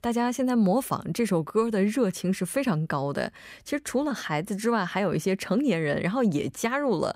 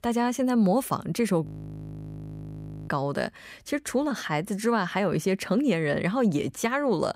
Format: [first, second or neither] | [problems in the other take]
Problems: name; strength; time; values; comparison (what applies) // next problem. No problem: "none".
first | audio freezing; at 1.5 s for 1.5 s